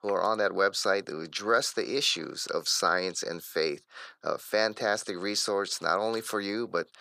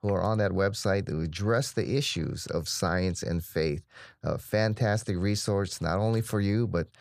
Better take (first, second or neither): second